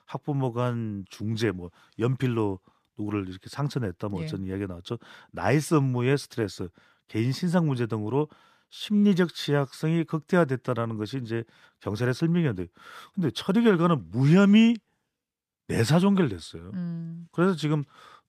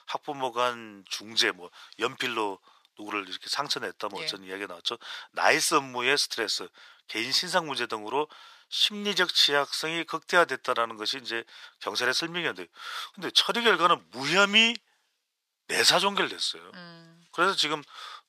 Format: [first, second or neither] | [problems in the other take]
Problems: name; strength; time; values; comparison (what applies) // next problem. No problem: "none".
first | thin; very; fading below 750 Hz